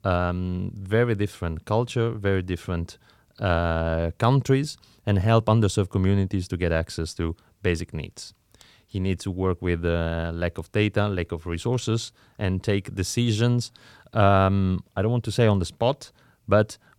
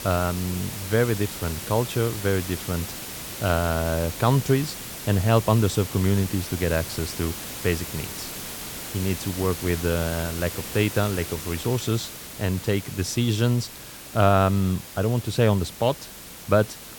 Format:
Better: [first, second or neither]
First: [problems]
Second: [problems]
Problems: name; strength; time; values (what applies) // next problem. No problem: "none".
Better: first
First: none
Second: hiss; loud; throughout; 9 dB below the speech